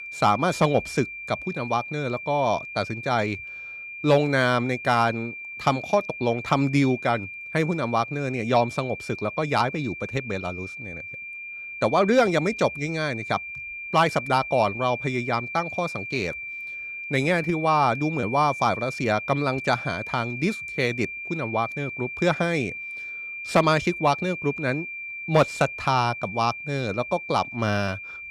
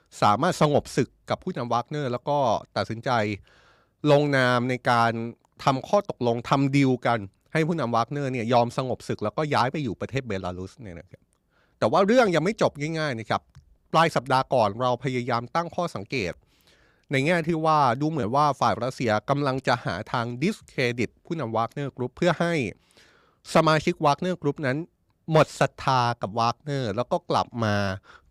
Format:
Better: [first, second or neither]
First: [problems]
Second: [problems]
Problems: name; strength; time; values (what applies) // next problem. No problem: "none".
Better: second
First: high-pitched whine; loud; throughout; 2.5 kHz, 9 dB below the speech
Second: none